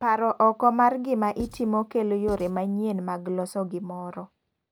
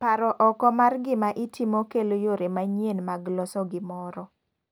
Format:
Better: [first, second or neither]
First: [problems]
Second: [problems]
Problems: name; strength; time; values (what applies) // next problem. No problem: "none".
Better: second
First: background sound (Writing); 17 dB below the speech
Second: none